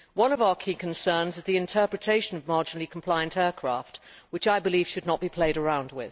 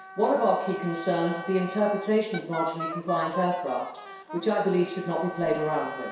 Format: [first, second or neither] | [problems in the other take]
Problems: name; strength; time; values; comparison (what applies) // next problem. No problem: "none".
first | background sound (Wind instrument, woodwind instrument); 11 dB below the speech // room echo; dies away in 0.7 s